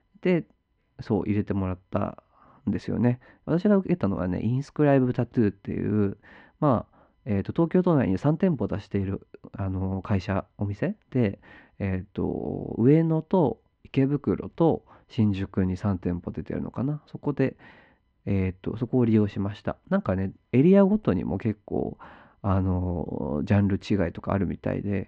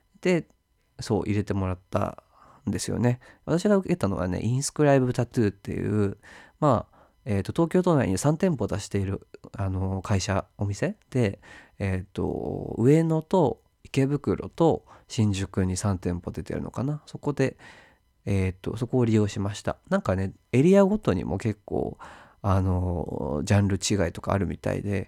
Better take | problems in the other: second | muffled; very; fading above 3 kHz

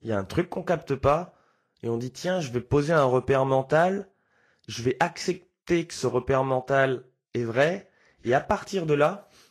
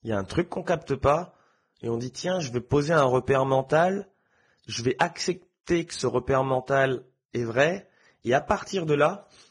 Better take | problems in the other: first | garbled, watery; badly; slightly in the first

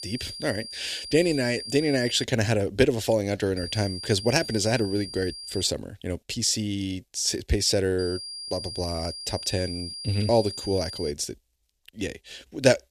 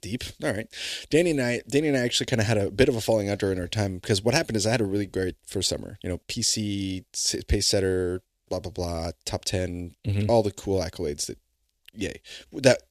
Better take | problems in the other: second | high-pitched whine; loud; until 2 s, from 3.5 to 5.5 s and from 8 to 11 s; 4.5 kHz, 9 dB below the speech

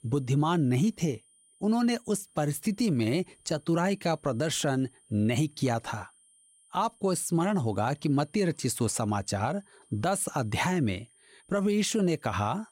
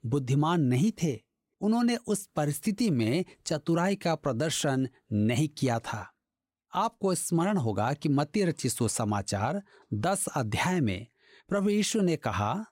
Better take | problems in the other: second | high-pitched whine; faint; throughout; 8.5 kHz, 30 dB below the speech

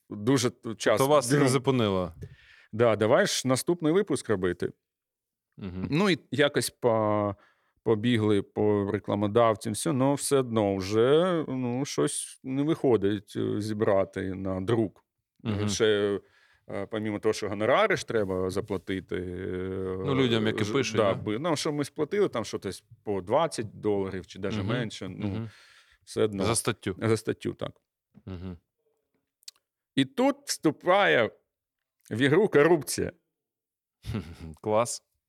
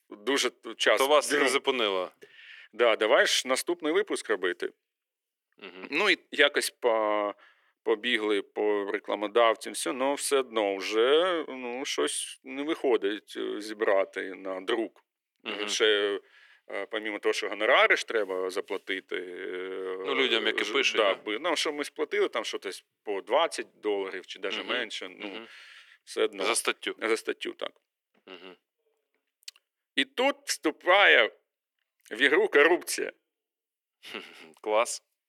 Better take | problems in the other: first | thin; somewhat; fading below 350 Hz

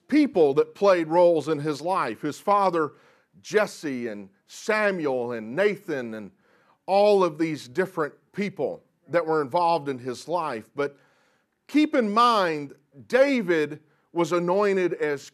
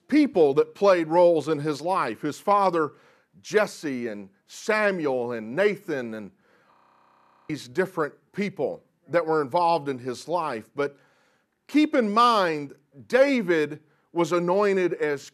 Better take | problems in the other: first | audio freezing; at 6.5 s for 1 s

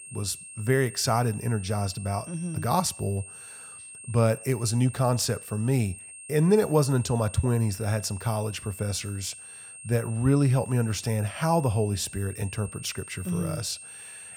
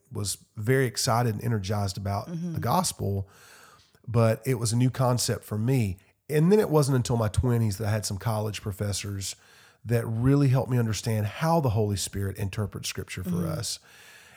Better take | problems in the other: second | high-pitched whine; noticeable; throughout; 8.5 kHz, 15 dB below the speech

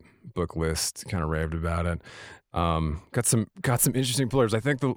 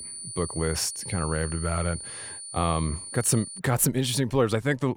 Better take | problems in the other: first | high-pitched whine; loud; until 3.5 s; 9.5 kHz, 9 dB below the speech

